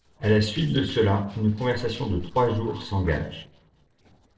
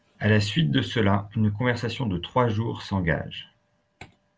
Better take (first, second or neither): second